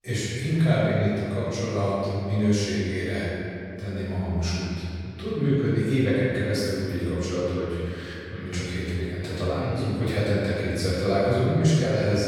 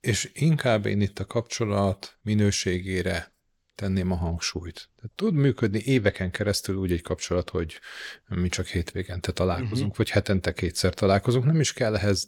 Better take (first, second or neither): second